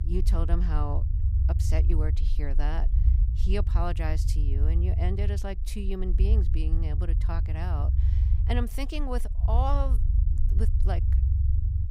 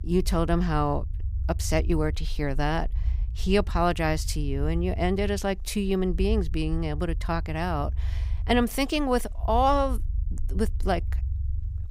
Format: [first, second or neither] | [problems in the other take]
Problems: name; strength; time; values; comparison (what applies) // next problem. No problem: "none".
second | low rumble; loud; throughout; 8 dB below the speech; faint in the second